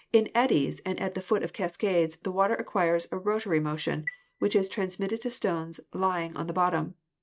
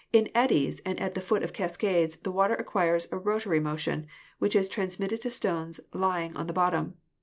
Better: second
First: noise reduction (neural mask model RNNoise)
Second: none

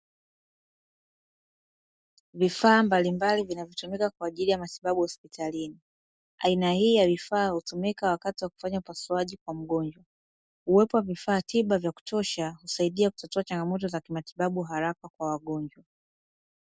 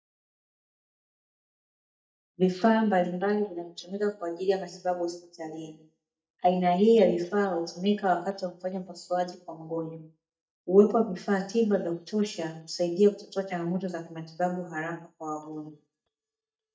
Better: first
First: none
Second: noise reduction (neural mask model DeepFilterNet 3)

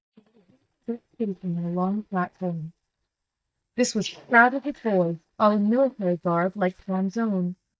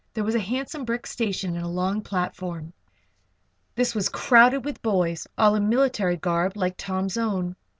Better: second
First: noise reduction (neural mask model DeepFilterNet 3)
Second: none

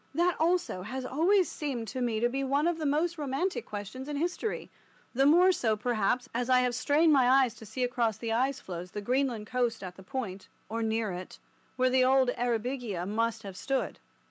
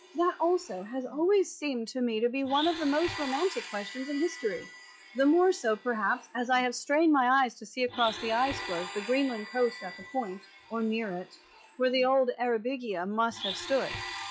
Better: first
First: none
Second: noise reduction (classical method log-MMSE)

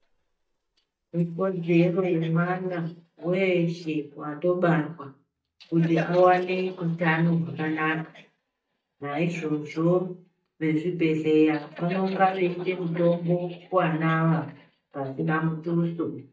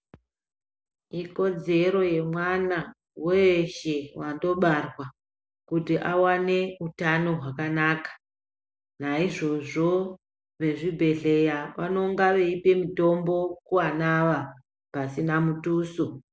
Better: second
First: noise reduction (neural mask model DeepFilterNet 3)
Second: none

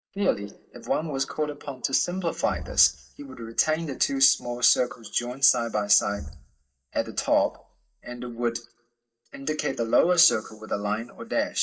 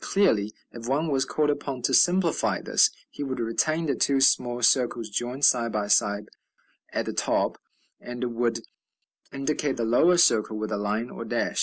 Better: second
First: noise reduction (neural mask model DeepFilterNet 3)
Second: none

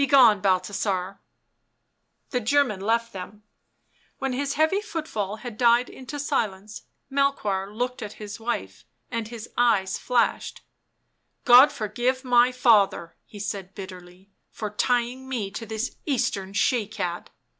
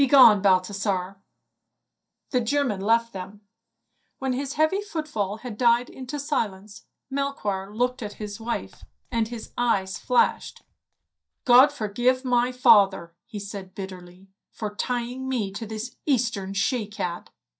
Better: first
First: none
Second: noise reduction (neural mask model DeepFilterNet 3)

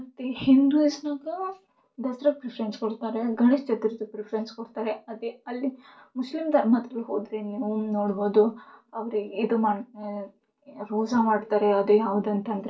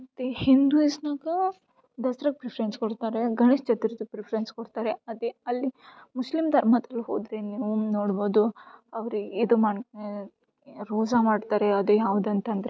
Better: second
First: room echo; dies away in 0.2 s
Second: none

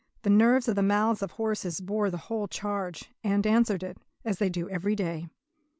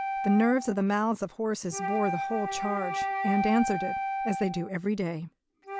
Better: first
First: none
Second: background sound (Wind instrument, woodwind instrument); 4 dB below the speech

